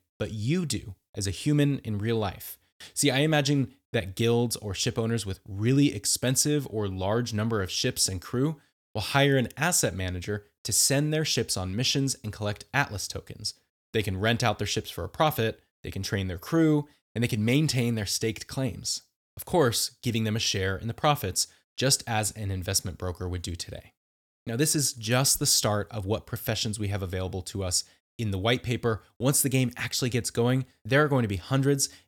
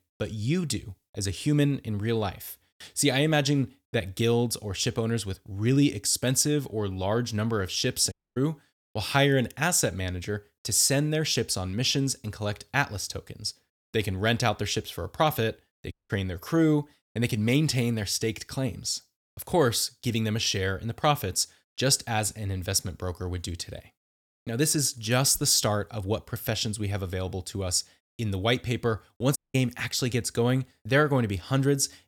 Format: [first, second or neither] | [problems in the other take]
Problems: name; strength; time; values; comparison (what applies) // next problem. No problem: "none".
first | audio cutting out; at 8 s, at 16 s and at 29 s